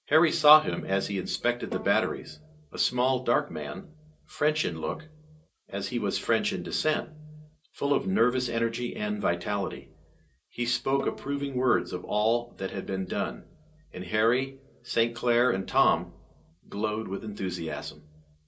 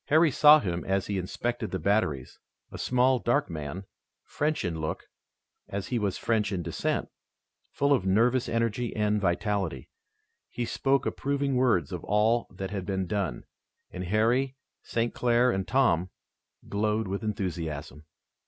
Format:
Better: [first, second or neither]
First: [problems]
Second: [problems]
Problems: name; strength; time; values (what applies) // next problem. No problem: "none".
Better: second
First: background sound (Bowed string instrument); 17 dB below the speech // room echo; dies away in 0.2 s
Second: none